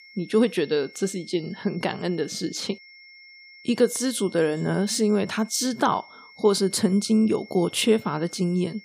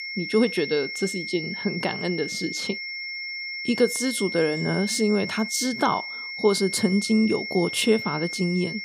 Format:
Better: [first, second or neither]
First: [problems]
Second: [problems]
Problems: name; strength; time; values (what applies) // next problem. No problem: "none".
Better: first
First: high-pitched whine; faint; throughout; 2 kHz, 20 dB below the speech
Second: high-pitched whine; loud; throughout; 2 kHz, 6 dB below the speech